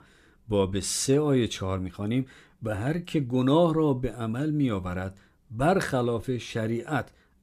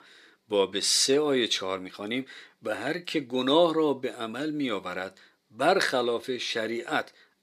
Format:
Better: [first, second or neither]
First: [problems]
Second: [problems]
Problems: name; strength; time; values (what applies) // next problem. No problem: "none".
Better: first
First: none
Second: thin; somewhat; fading below 400 Hz